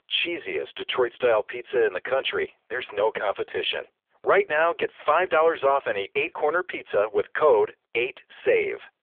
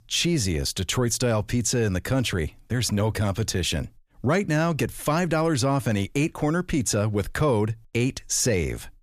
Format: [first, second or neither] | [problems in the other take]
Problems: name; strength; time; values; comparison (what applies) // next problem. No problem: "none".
second | phone-call audio; poor line; nothing above 3.5 kHz